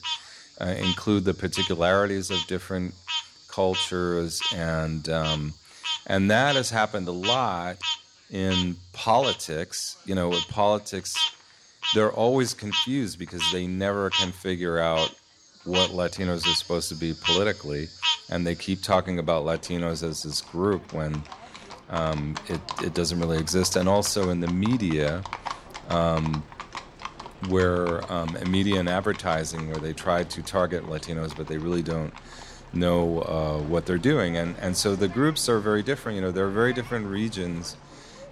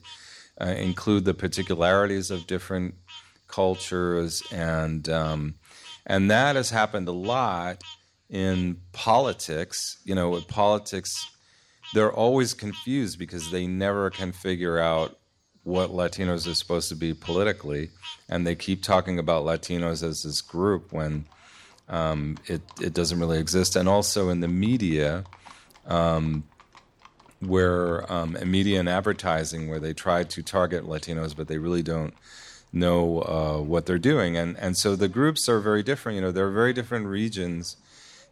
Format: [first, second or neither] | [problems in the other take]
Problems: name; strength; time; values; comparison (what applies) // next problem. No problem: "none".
second | animal sounds; loud; throughout; 4 dB below the speech; faint in the second